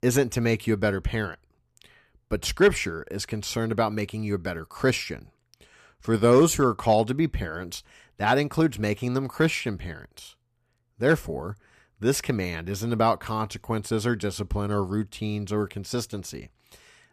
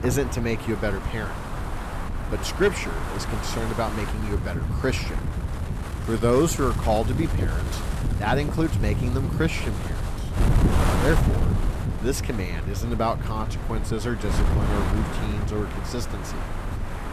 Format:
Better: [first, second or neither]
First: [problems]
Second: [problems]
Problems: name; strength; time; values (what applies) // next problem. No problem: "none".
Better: first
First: none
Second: wind noise on the microphone; heavy; 5 dB below the speech